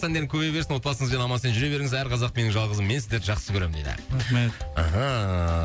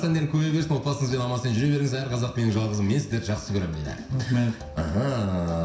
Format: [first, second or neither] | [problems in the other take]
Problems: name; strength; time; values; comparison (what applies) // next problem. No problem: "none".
first | room echo; dies away in 0.7 s